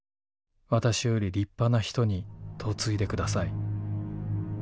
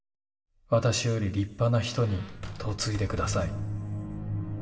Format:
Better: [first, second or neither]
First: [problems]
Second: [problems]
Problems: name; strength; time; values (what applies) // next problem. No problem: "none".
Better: first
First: none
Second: background sound (Squeak); 16 dB below the speech // room echo; dies away in 1.5 s